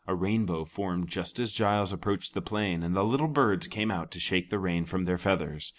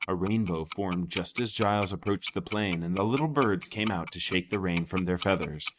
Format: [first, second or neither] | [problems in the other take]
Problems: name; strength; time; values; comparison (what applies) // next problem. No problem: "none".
first | noise reduction (neural mask model RNNoise)